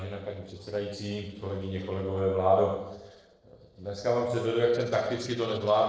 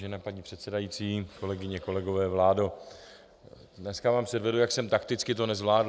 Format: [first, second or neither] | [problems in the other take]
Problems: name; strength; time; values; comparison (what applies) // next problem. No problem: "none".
second | noise reduction (neural separator model SepFormer DNS4)